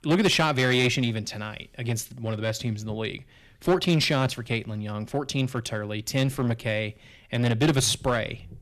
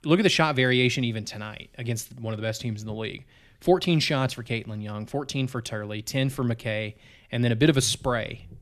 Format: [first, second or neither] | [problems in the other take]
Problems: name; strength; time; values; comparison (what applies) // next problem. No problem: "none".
second | distortion; slight; 5% of the sound clipped